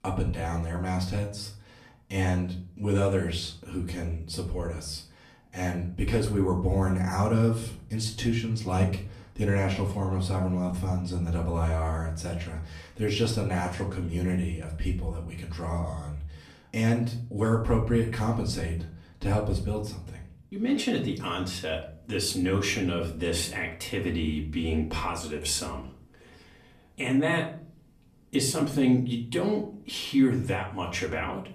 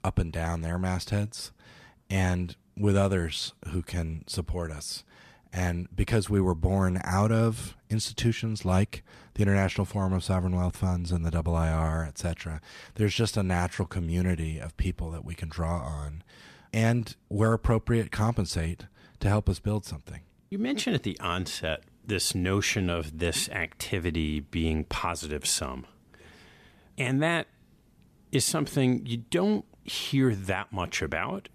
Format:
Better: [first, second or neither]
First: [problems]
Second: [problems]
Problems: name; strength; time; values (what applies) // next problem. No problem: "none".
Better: second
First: off-mic speech; far // room echo; slight; dies away in 0.4 s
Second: none